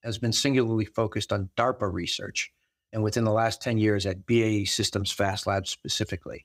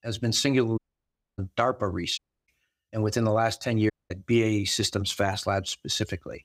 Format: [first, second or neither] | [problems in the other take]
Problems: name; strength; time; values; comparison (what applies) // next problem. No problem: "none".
first | audio cutting out; at 1 s for 0.5 s, at 2 s and at 4 s